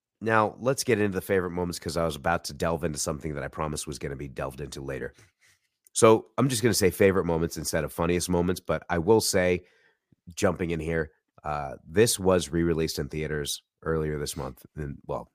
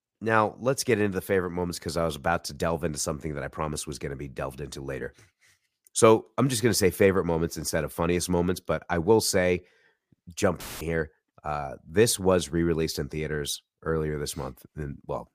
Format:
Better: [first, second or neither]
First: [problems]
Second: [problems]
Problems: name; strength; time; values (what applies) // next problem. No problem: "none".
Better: first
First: none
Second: audio cutting out; filled with static; at 11 s